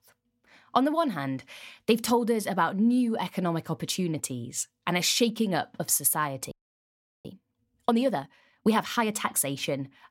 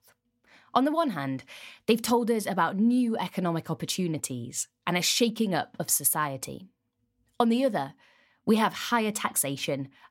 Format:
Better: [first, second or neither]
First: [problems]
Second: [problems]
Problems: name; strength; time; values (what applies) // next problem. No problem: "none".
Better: second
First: audio freezing; at 6.5 s for 0.5 s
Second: none